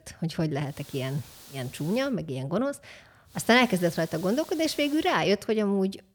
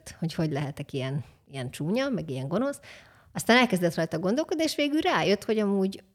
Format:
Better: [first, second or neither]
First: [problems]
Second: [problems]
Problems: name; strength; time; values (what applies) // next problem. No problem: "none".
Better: second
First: hiss; noticeable; from 0.5 to 2 s and from 3.5 to 5 s; 20 dB below the speech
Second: none